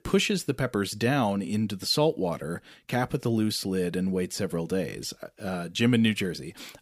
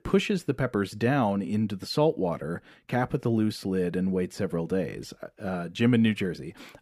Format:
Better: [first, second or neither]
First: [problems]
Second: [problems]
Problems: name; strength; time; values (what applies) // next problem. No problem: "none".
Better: first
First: none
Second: muffled; slightly; fading above 3 kHz